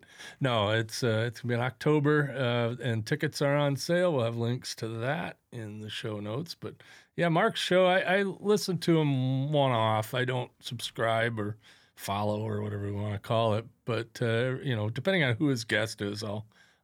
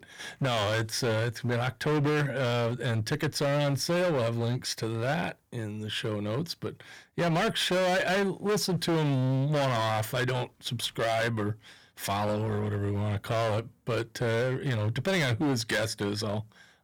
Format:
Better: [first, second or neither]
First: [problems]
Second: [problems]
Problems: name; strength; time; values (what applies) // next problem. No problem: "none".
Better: first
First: none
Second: distortion; heavy; 19% of the sound clipped